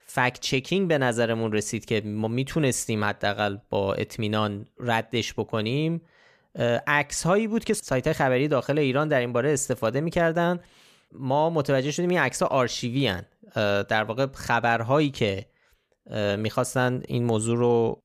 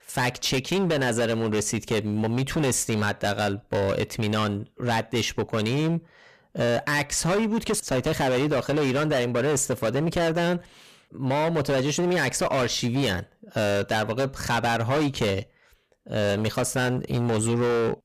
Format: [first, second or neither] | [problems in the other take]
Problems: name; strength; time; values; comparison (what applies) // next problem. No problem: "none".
first | distortion; heavy; 21% of the sound clipped